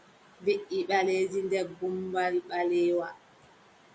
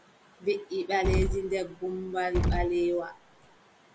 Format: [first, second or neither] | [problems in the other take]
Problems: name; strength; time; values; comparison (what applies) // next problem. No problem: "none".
first | background sound (Explosion); as loud as the speech